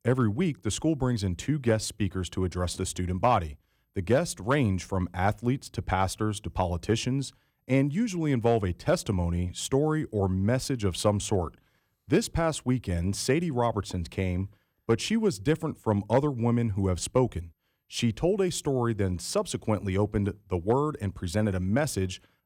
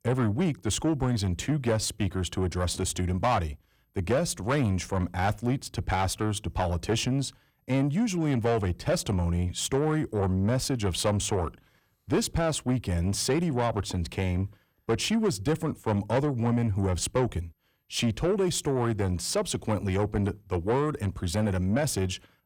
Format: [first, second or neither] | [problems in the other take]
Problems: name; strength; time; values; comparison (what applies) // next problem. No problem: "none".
first | distortion; slight; 10 dB below the speech